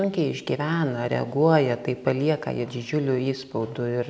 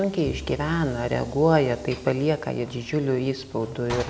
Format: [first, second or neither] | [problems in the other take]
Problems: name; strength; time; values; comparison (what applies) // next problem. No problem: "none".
first | background sound (Sliding door / Train + Bowed string instrument); 15 dB below the speech